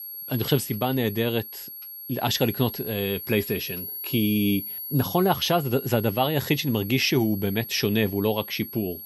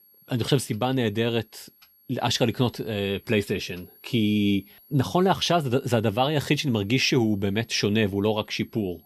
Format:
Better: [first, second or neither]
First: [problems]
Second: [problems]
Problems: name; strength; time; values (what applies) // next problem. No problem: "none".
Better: second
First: high-pitched whine; loud; throughout; 11.5 kHz, 9 dB below the speech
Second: high-pitched whine; faint; throughout; 11.5 kHz, 30 dB below the speech